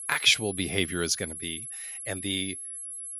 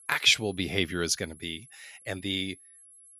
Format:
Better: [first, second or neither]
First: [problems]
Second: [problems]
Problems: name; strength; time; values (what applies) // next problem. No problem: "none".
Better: second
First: high-pitched whine; loud; throughout; 11 kHz, 8 dB below the speech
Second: high-pitched whine; faint; throughout; 11 kHz, 25 dB below the speech